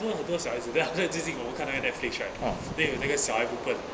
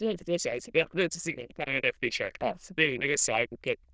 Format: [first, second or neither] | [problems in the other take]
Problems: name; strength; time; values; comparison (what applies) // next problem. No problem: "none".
first | noise reduction (neural diffusion model UNIVERSE++)